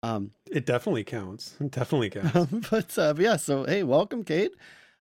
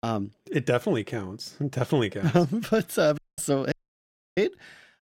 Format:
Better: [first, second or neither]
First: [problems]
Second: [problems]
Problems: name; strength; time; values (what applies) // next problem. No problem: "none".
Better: first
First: none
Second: audio cutting out; at 3 s and at 3.5 s for 0.5 s